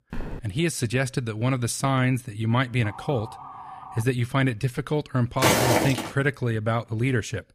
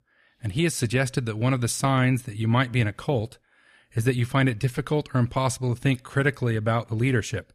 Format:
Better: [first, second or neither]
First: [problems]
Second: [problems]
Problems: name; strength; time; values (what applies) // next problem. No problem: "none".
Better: second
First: footsteps; faint; at the start; peak 10 dB below the speech // siren; faint; from 3 to 4 s; peak 15 dB below the speech // footsteps; loud; at 5.5 s; peak 6 dB above the speech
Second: none